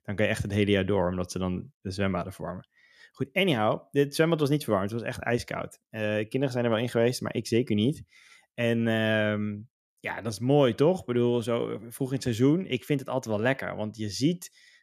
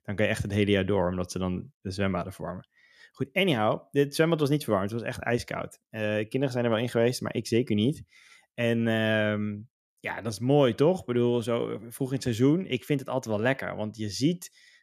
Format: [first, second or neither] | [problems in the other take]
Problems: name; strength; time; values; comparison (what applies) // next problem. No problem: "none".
neither | none